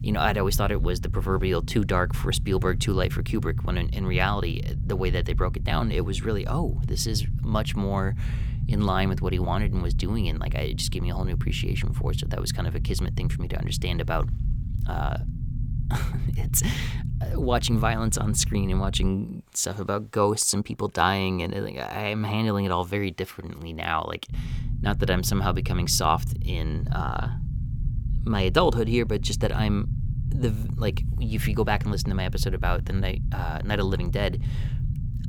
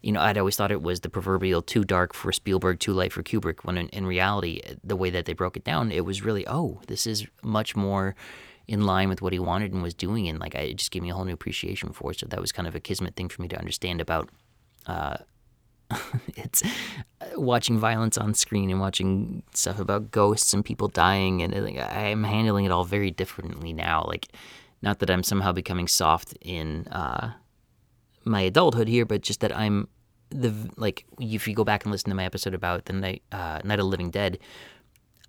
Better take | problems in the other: second | low rumble; noticeable; until 19 s and from 24 s on; 15 dB below the speech

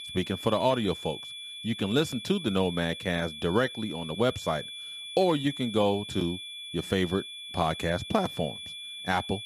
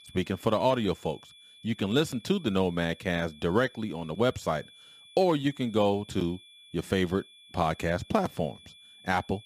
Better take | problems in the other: second | high-pitched whine; loud; throughout; 3.5 kHz, 9 dB below the speech; faint in the second

